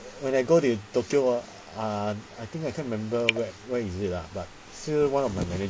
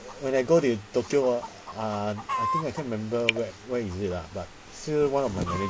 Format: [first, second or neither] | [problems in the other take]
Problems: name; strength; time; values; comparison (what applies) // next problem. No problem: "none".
first | background sound (Chicken, rooster); 10 dB below the speech